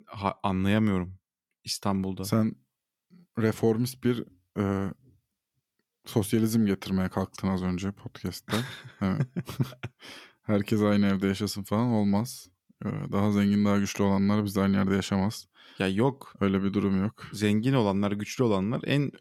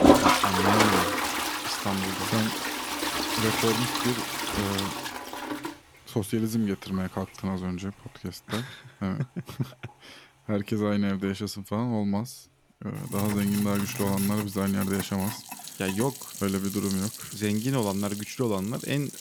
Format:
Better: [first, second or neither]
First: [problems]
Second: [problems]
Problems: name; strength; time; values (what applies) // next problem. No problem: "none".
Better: first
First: none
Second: household noises; very loud; throughout; 1 dB above the speech